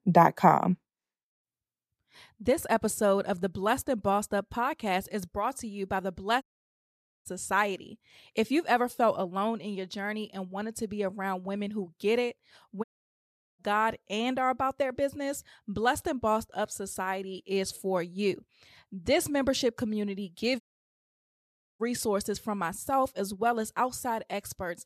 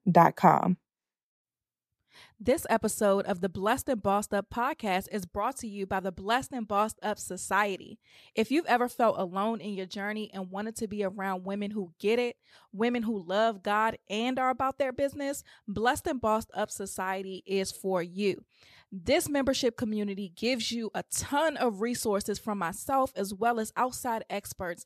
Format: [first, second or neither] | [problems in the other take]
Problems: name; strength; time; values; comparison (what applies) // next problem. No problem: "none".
second | audio cutting out; at 6.5 s for 1 s, at 13 s for 0.5 s and at 21 s for 1 s